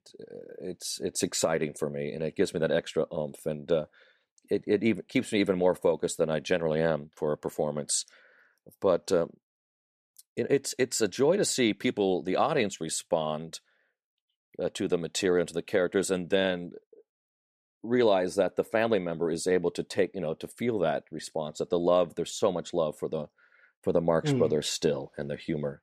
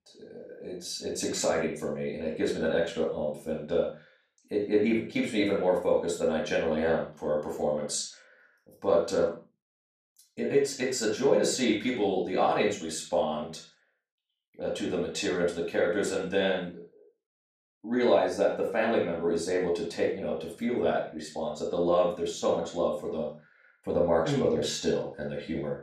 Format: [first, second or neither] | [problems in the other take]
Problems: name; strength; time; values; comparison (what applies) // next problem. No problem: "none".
first | room echo; noticeable; dies away in 0.3 s // off-mic speech; far